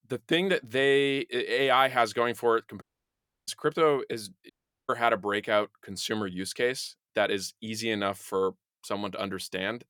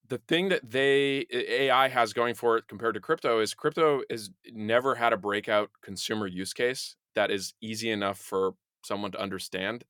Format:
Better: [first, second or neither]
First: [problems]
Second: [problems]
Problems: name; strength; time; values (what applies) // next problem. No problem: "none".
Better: second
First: audio cutting out; at 3 s for 0.5 s and at 4.5 s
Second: none